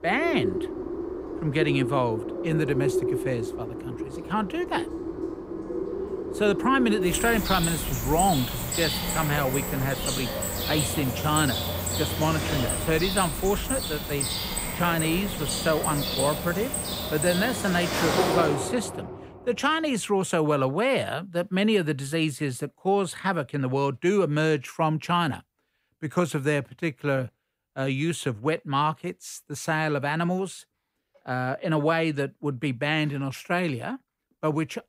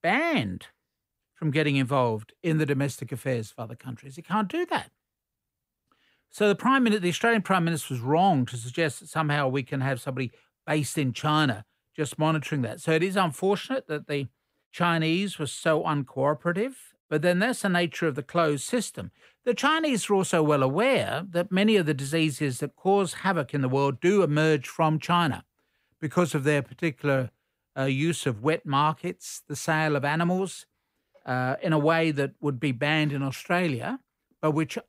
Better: second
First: animal sounds; loud; until 18 s; 2 dB below the speech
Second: none

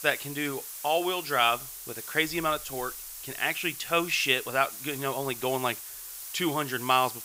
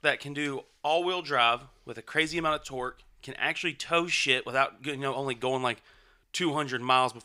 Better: second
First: hiss; loud; throughout; 10 dB below the speech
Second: none

